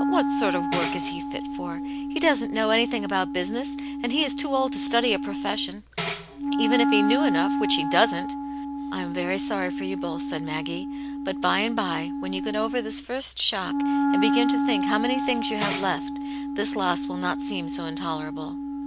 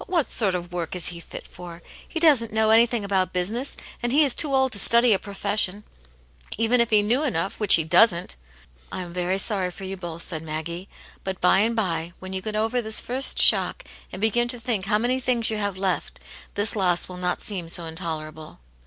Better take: second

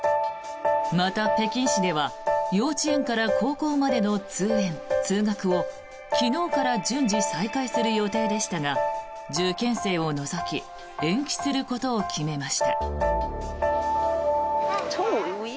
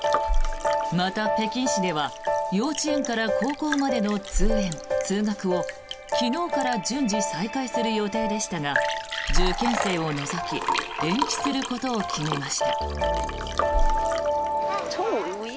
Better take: first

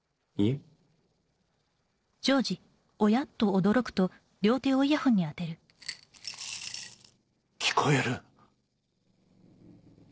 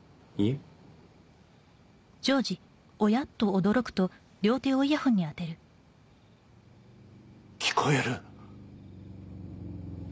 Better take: second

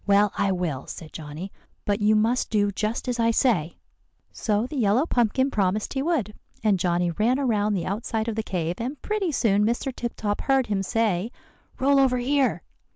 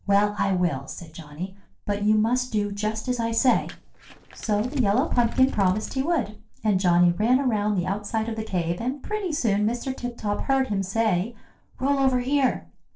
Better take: first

